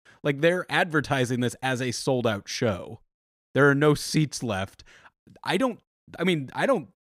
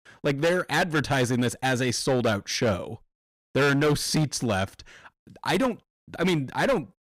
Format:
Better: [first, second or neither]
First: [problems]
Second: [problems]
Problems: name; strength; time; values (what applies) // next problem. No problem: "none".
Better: first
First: none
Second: distortion; heavy; 10% of the sound clipped